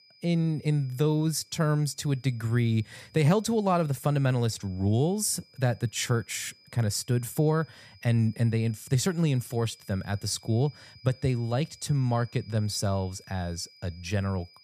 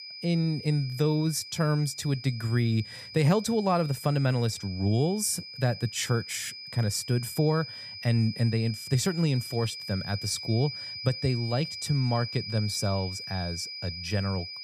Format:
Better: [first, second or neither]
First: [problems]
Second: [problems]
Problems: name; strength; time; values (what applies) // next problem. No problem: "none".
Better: first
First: high-pitched whine; faint; throughout; 5 kHz, 25 dB below the speech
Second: high-pitched whine; loud; throughout; 5 kHz, 10 dB below the speech